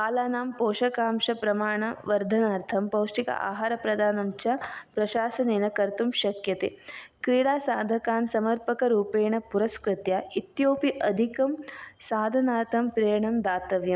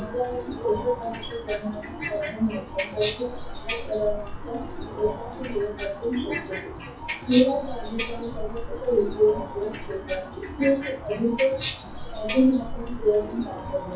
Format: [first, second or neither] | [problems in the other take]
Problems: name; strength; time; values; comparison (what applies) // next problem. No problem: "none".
first | noise reduction (classical method WPE with log-MMSE)